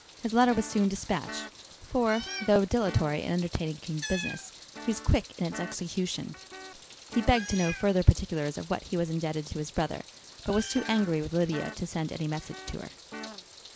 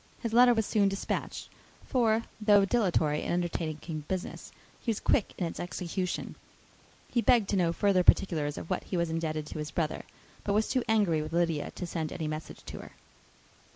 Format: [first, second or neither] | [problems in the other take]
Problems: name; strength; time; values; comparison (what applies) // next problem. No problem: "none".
second | background sound (Meow + Guitar); 14 dB below the speech